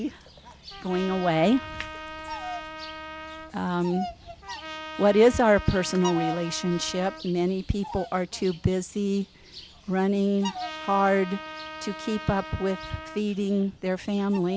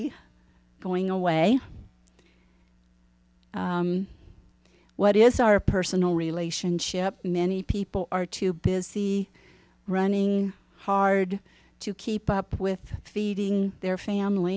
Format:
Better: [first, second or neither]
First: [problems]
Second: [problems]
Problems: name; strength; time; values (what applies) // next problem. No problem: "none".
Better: second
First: background sound (Bird vocalization, bird call, bird song + Trumpet); 12 dB below the speech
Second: none